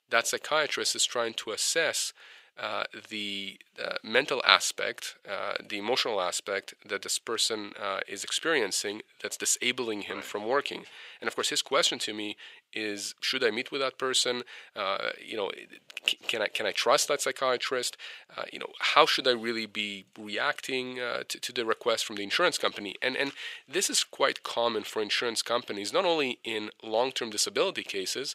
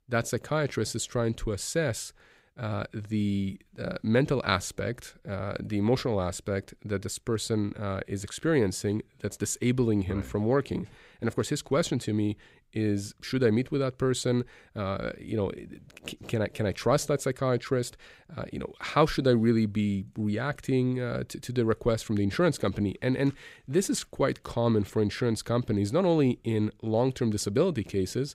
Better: second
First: thin; very; fading below 650 Hz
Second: none

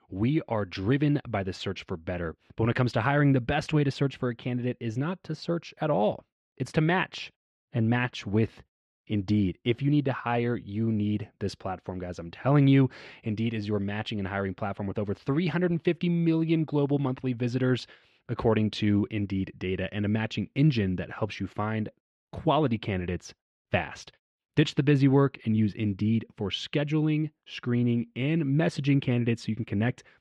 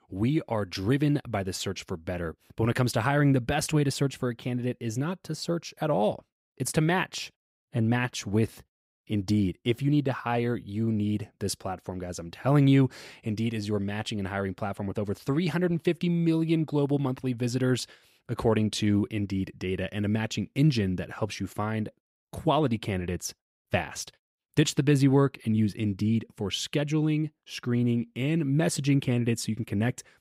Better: second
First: muffled; slightly; fading above 3 kHz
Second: none

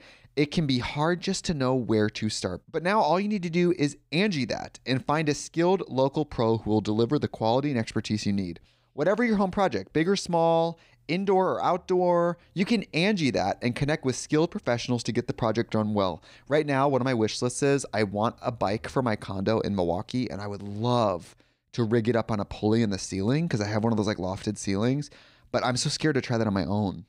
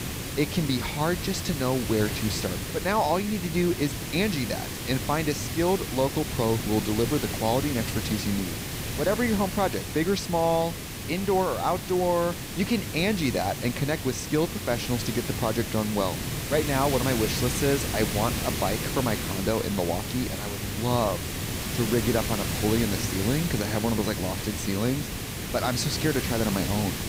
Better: first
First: none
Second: hiss; loud; throughout; 4 dB below the speech

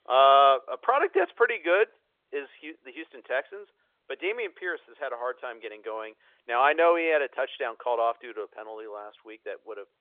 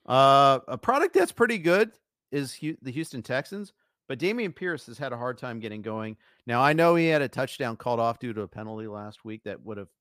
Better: second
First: phone-call audio; nothing above 3.5 kHz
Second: none

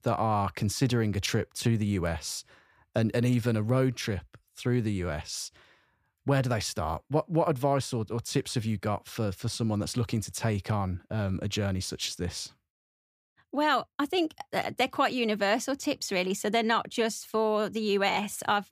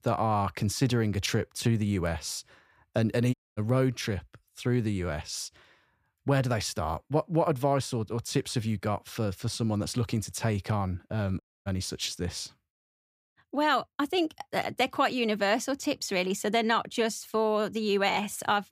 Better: first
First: none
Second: audio cutting out; at 3.5 s and at 11 s

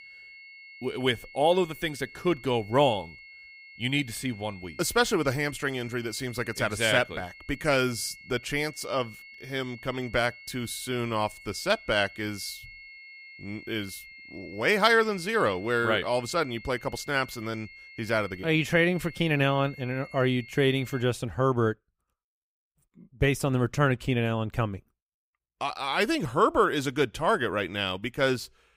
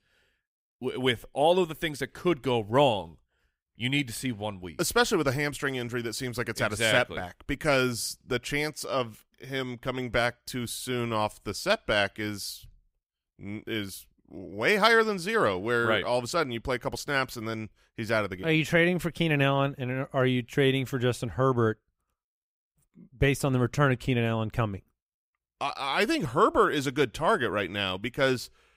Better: second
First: high-pitched whine; noticeable; until 21 s; 2 kHz, 20 dB below the speech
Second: none

